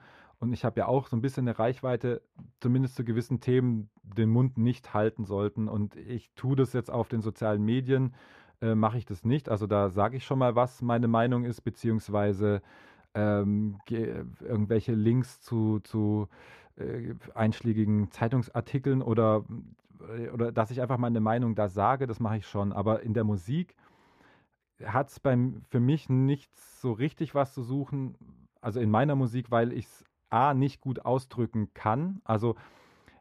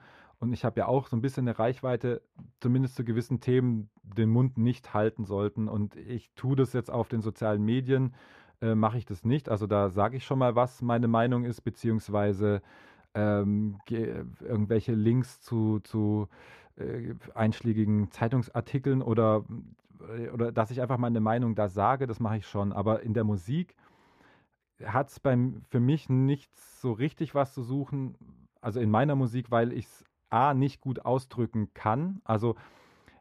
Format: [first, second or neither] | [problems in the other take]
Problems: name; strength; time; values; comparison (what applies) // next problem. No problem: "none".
neither | muffled; very; fading above 3.5 kHz; the same in both